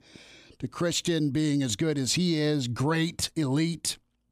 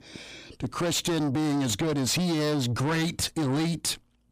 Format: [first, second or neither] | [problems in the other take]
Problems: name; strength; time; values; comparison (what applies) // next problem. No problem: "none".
first | distortion; heavy; 8 dB below the speech